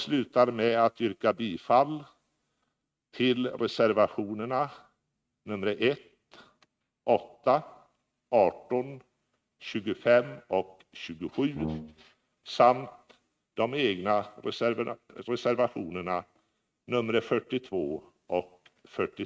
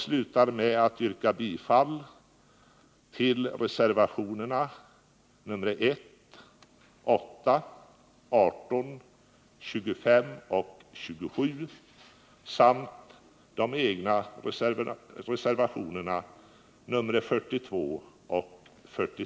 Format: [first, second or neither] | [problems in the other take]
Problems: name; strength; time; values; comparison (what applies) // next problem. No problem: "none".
second | noise reduction (neural mask model RNNoise)